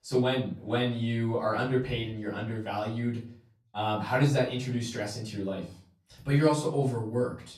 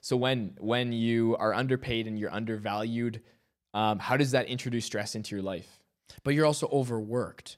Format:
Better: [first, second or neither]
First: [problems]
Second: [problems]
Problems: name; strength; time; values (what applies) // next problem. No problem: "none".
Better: second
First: off-mic speech; far // room echo; slight; dies away in 0.4 s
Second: none